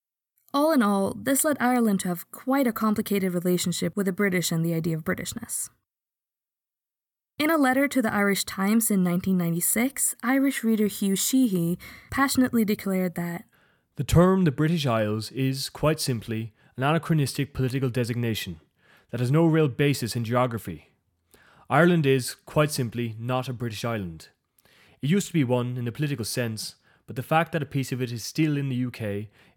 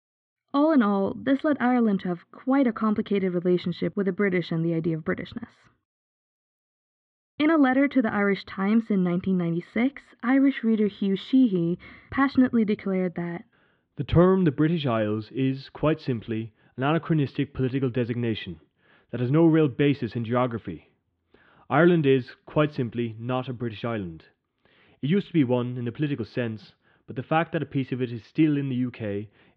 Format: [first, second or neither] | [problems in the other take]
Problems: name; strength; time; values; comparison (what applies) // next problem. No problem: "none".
first | muffled; very; fading above 3.5 kHz